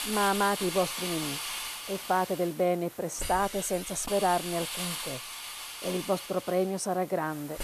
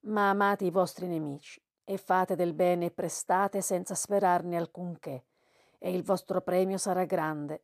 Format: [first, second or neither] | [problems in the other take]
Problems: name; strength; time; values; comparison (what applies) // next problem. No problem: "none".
second | hiss; loud; throughout; 5 dB below the speech